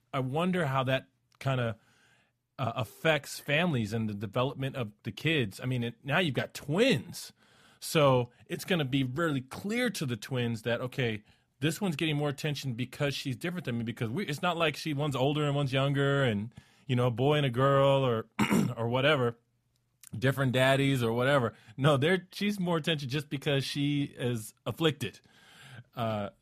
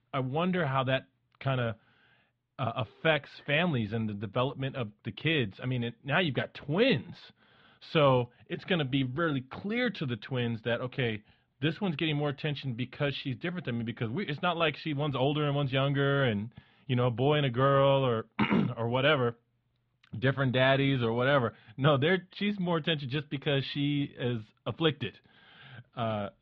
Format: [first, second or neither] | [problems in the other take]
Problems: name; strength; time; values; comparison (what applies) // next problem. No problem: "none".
first | muffled; slightly; fading above 3.5 kHz